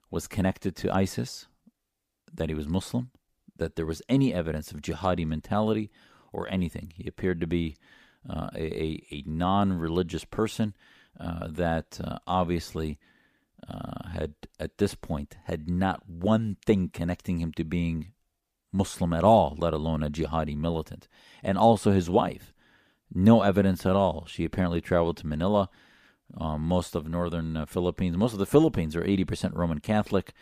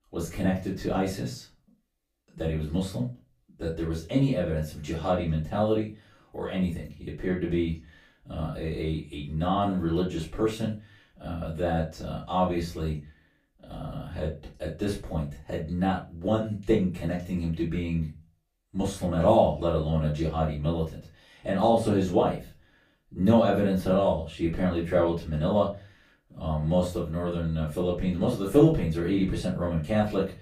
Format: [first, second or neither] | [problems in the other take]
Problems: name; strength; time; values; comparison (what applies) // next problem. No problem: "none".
first | off-mic speech; far // room echo; slight; dies away in 0.3 s